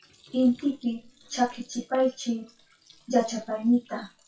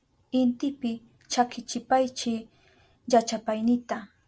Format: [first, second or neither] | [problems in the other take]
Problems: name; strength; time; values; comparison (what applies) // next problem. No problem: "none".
second | noise reduction (classical method WPE with log-MMSE)